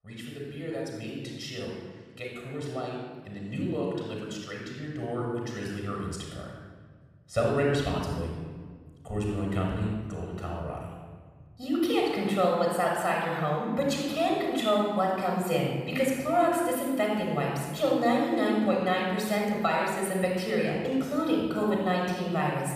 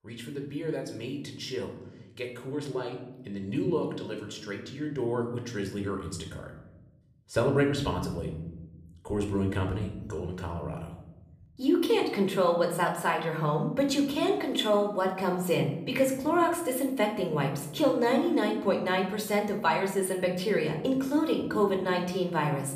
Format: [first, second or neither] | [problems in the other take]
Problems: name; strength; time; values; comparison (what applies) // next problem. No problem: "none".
second | room echo; strong; dies away in 1.4 s; slight in the second // off-mic speech; somewhat distant